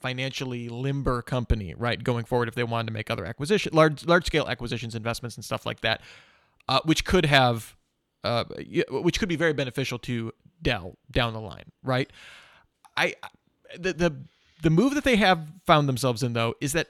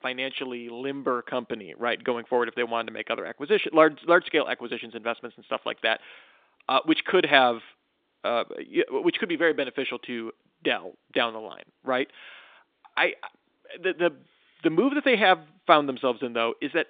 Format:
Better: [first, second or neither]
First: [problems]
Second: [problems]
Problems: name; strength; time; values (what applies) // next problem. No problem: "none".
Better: first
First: none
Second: phone-call audio; nothing above 3.5 kHz